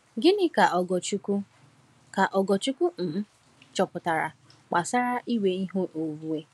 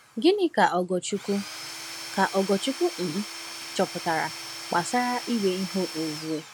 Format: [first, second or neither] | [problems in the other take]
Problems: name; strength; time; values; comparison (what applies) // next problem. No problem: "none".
first | background sound (Tools / Domestic sounds, home sounds); 12 dB below the speech